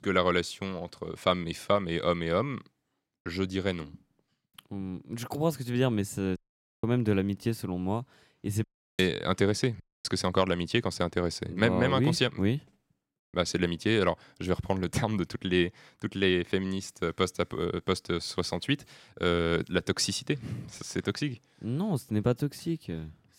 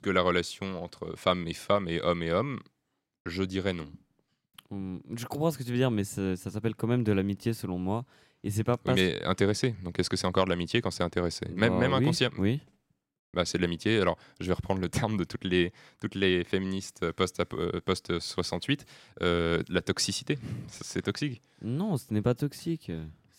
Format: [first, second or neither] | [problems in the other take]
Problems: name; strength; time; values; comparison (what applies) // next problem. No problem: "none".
second | audio cutting out; at 6.5 s, at 8.5 s and at 10 s